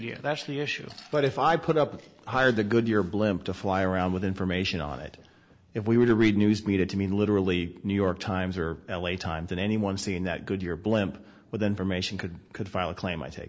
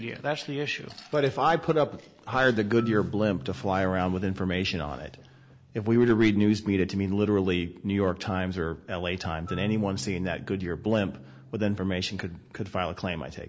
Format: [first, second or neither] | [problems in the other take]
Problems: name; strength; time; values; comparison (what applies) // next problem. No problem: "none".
first | background sound (Marimba, xylophone); 19 dB below the speech